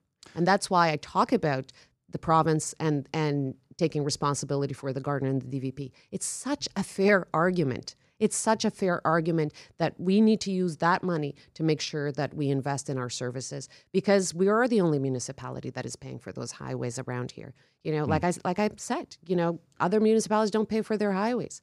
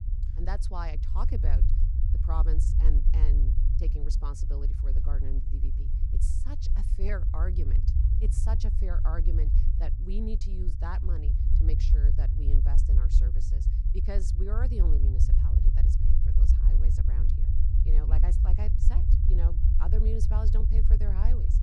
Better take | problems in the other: first | low rumble; loud; throughout; 3 dB below the speech

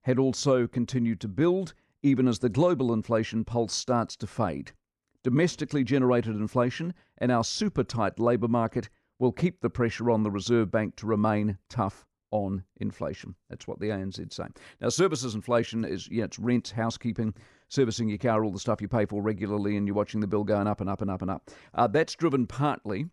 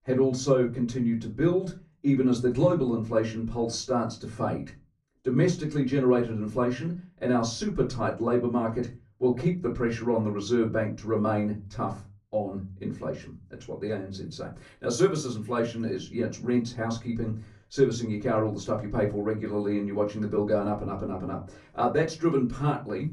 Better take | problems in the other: first | off-mic speech; far // room echo; very slight; dies away in 0.3 s

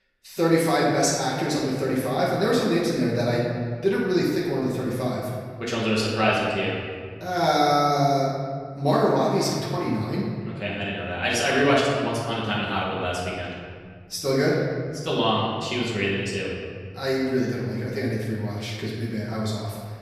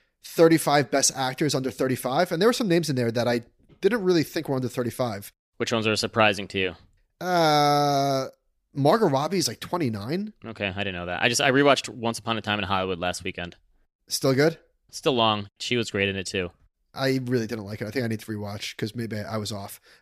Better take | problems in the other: second | room echo; noticeable; dies away in 2.1 s // off-mic speech; far

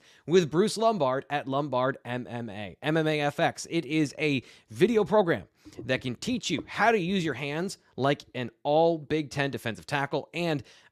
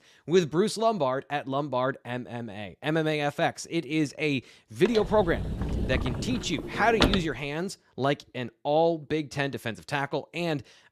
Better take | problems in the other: first | door banging; loud; from 5 to 7 s; peak 3 dB above the speech

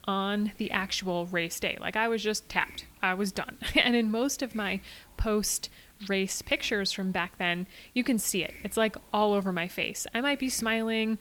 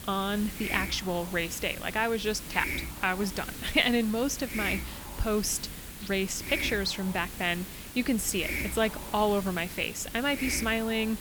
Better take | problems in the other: first | hiss; loud; throughout; 8 dB below the speech; faint in the first

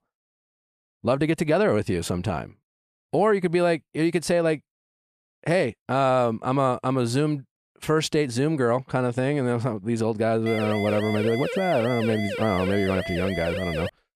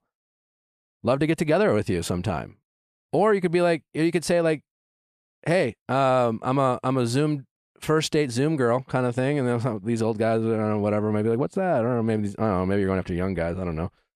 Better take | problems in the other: second | siren; noticeable; from 10 s on; peak 6 dB below the speech

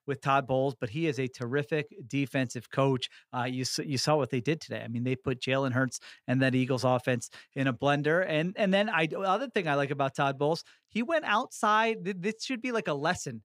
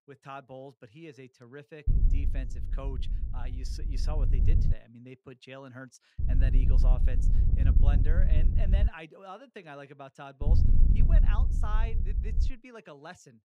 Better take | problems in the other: first | wind noise on the microphone; heavy; from 2 to 4.5 s, from 6 to 9 s and from 10 to 12 s; 2 dB below the speech

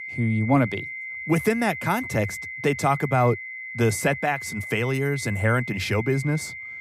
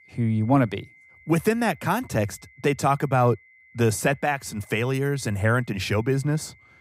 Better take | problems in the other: second | high-pitched whine; loud; throughout; 2 kHz, 8 dB below the speech; faint in the second

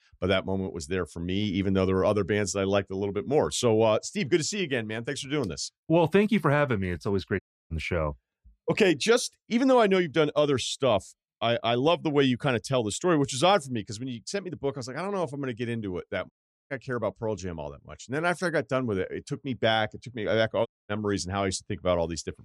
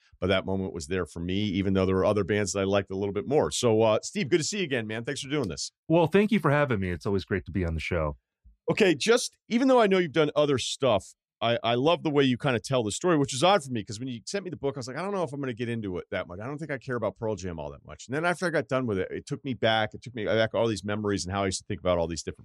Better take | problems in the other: second | audio cutting out; at 7.5 s, at 16 s and at 21 s

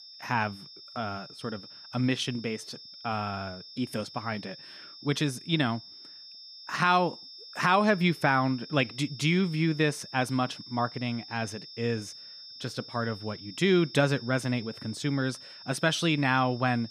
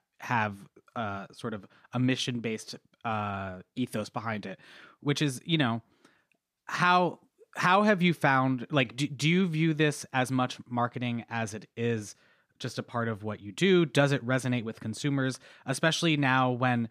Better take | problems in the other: second | high-pitched whine; noticeable; throughout; 5.5 kHz, 15 dB below the speech

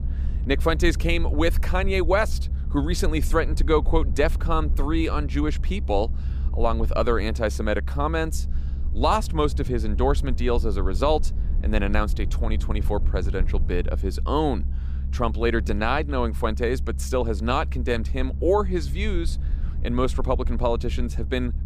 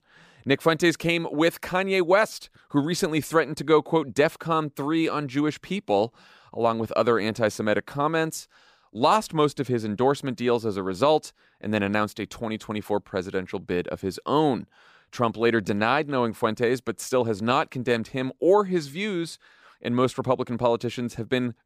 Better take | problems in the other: second | low rumble; noticeable; throughout; 20 dB below the speech

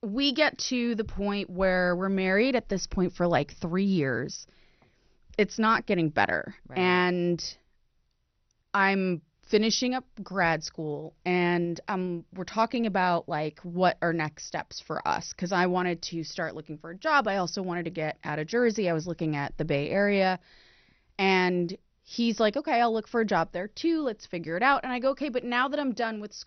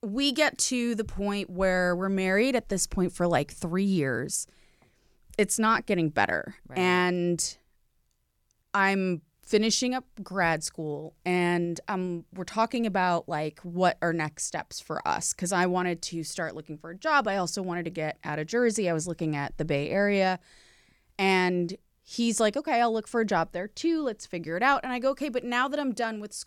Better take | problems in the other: second | garbled, watery; slightly; nothing above 6 kHz

